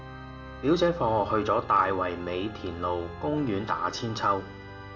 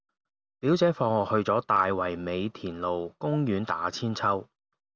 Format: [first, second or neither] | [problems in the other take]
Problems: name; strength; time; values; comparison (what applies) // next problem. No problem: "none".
second | background sound (Organ); 14 dB below the speech // room echo; dies away in 0.7 s